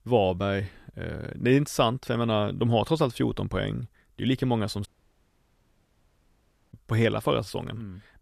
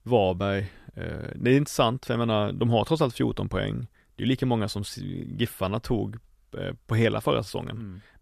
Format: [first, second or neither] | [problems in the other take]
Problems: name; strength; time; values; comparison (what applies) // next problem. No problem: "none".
second | audio cutting out; at 5 s for 2 s